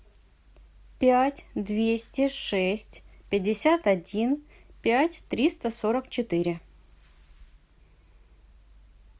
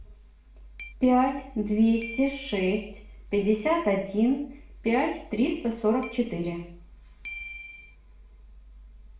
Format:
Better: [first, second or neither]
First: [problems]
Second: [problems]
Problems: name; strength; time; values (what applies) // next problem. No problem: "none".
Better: first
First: none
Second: background sound (Keyboard (musical)); 16 dB below the speech // room echo; dies away in 0.5 s